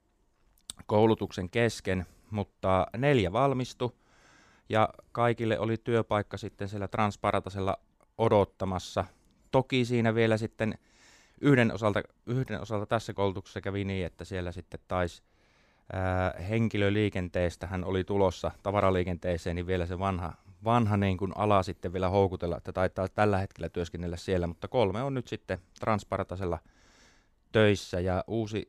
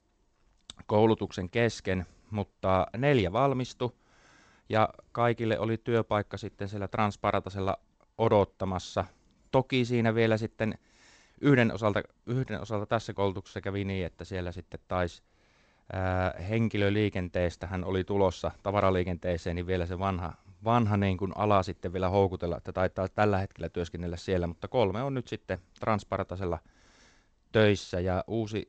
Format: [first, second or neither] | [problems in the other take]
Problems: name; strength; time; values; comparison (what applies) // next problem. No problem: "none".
first | garbled, watery; slightly; nothing above 8 kHz